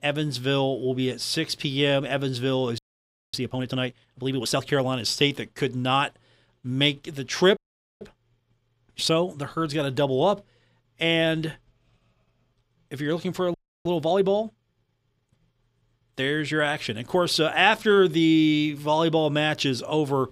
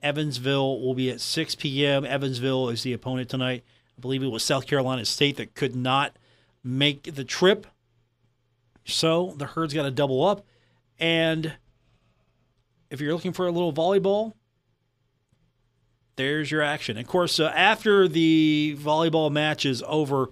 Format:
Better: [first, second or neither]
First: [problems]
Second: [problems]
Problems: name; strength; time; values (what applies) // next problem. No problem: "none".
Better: second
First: audio freezing; at 3 s for 0.5 s, at 7.5 s and at 14 s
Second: none